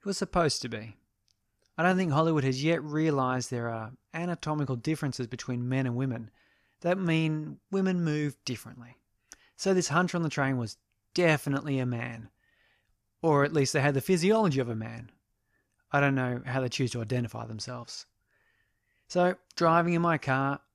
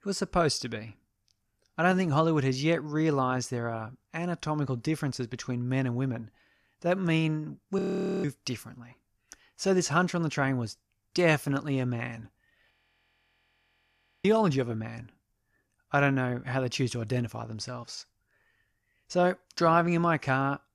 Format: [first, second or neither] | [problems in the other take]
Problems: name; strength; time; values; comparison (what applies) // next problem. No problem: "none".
first | audio freezing; at 8 s and at 13 s for 1.5 s